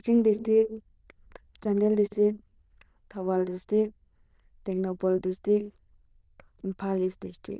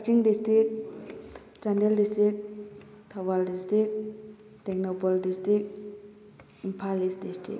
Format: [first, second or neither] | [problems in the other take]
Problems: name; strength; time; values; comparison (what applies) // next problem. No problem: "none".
second | noise reduction (neural diffusion model UNIVERSE++)